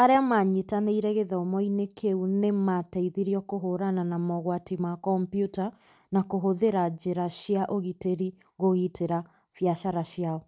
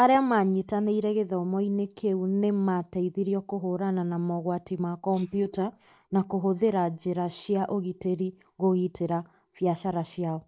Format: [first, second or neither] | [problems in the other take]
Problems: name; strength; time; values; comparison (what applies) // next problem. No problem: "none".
first | noise reduction (neural mask model Resemble Enhance denoiser)